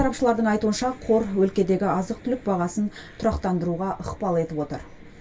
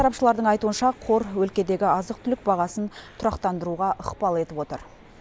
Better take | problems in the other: second | room echo; dies away in 0.1 s

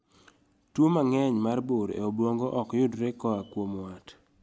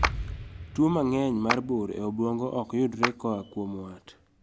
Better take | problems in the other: first | background sound (Clapping + Explosion); 6 dB below the speech

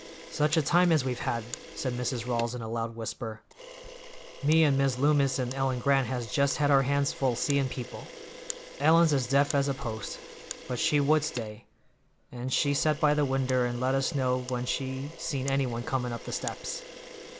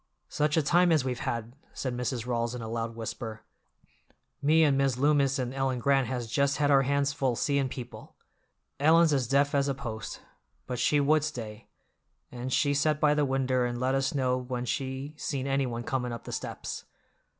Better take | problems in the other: second | background sound (Camera); 15 dB below the speech

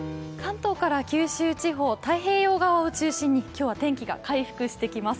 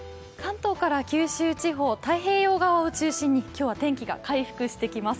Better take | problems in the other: second | background sound (Piano); 19 dB below the speech

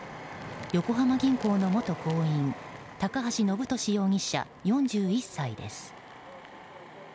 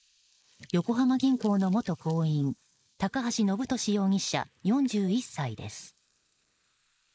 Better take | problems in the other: first | noise reduction (neural mask model Resemble Enhance denoiser)

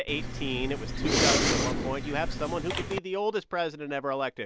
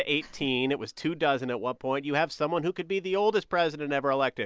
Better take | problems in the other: second | background sound (Respiratory sounds); 3 dB above the speech

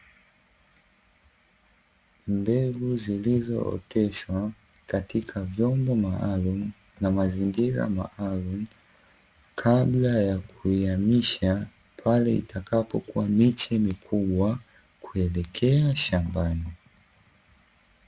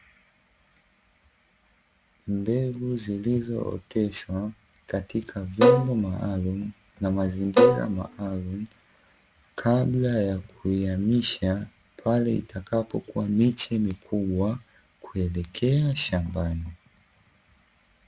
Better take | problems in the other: first | background sound (Bowed string instrument); 3 dB above the speech

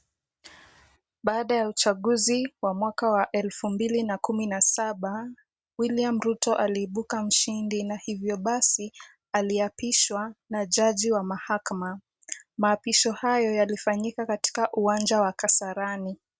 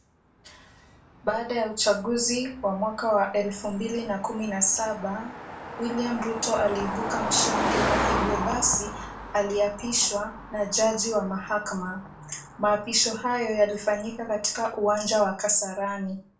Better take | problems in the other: first | background sound (Car passing by); 7 dB below the speech // room echo; dies away in 0.3 s

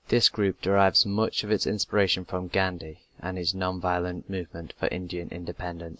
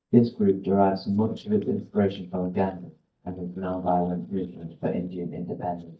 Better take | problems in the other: first | noise reduction (neural mask model DeepFilterNet 3)

